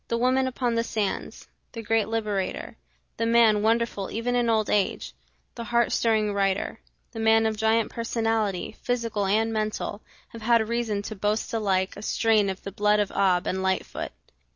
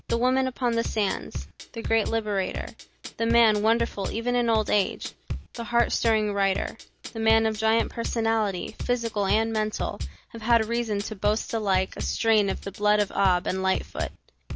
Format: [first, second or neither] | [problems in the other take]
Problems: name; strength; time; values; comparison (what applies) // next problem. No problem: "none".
first | background sound (Bass drum / Drum kit); 9 dB below the speech